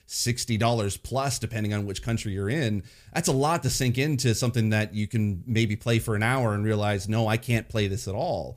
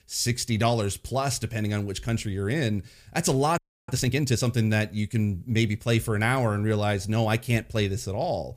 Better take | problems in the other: first | audio freezing; at 3.5 s

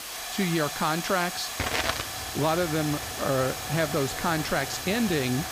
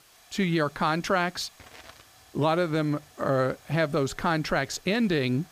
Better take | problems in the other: second | hiss; loud; throughout; 3 dB below the speech; faint in the second

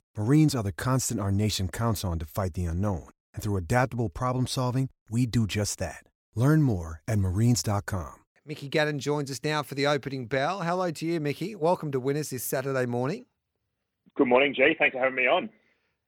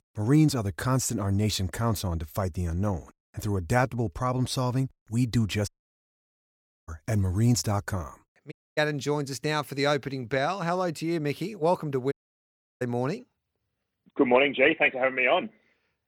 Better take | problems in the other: first | audio cutting out; at 5.5 s for 1 s, at 8.5 s and at 12 s for 0.5 s

